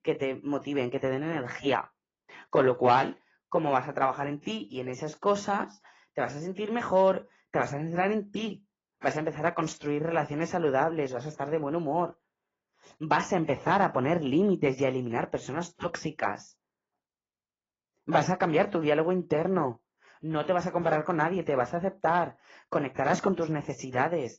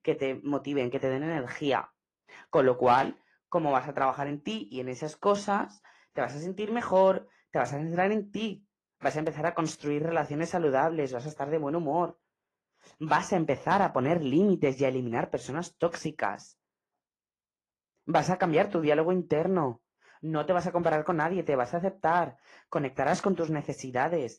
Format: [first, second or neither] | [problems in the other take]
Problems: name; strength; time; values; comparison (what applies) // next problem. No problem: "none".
second | garbled, watery; badly; nothing above 7 kHz; slightly in the second